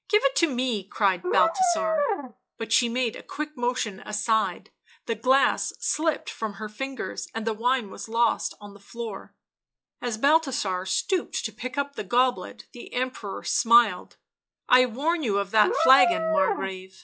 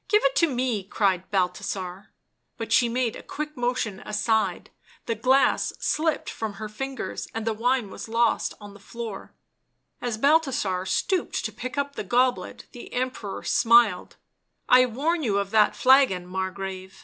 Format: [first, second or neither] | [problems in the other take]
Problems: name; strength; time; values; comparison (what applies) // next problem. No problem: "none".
second | noise reduction (classical method log-MMSE)